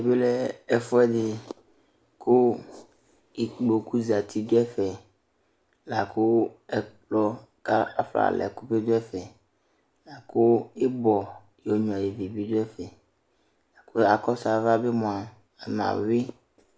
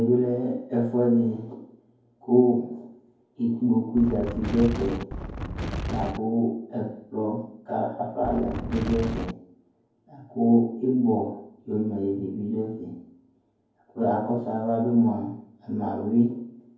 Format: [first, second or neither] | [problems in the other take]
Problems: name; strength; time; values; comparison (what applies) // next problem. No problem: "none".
first | background sound (Wind); 5 dB below the speech // room echo; dies away in 0.9 s